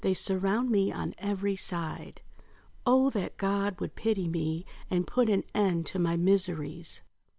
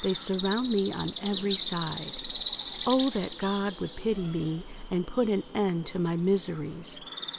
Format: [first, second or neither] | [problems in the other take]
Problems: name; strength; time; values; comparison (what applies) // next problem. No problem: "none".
first | background sound (Bird); 9 dB below the speech